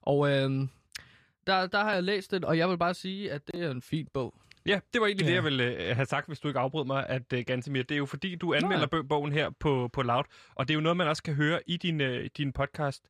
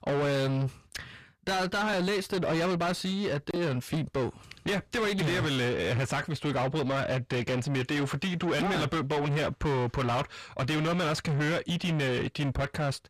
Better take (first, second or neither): first